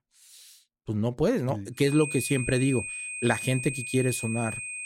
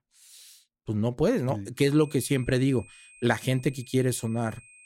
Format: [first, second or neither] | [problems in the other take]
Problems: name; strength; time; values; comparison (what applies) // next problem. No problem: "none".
second | high-pitched whine; loud; from 2 s on; 2.5 kHz, 6 dB below the speech; faint in the second